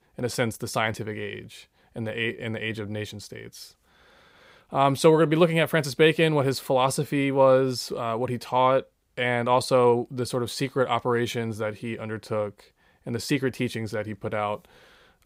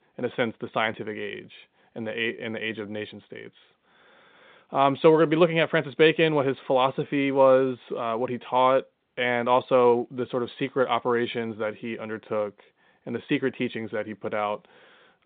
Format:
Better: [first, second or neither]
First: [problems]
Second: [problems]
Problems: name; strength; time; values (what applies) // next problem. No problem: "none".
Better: first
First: none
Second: phone-call audio